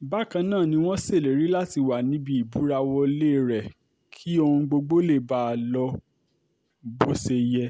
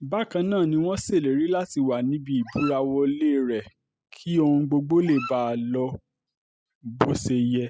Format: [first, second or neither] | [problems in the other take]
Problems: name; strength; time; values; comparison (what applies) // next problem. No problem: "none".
first | noise reduction (classical method spectral subtraction)